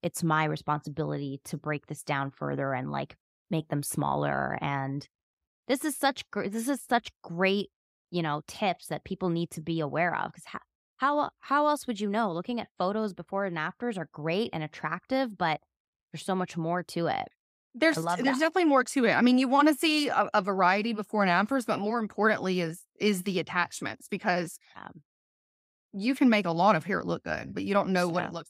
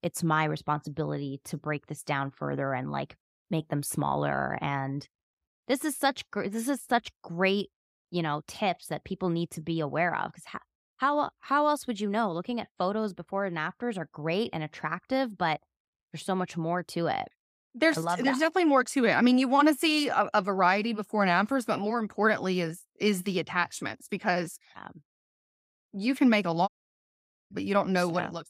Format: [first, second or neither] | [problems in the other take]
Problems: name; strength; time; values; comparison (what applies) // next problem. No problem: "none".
first | audio cutting out; at 27 s for 1 s